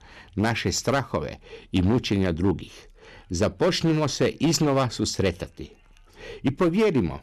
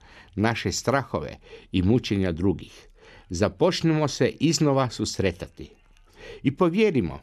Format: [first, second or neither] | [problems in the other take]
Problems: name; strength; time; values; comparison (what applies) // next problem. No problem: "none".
second | distortion; slight; 7% of the sound clipped